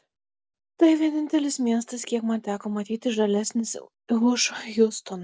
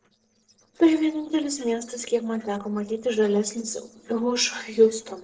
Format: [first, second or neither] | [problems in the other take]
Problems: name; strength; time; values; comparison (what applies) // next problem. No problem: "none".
first | noise reduction (neural separator model SepFormer DNS4)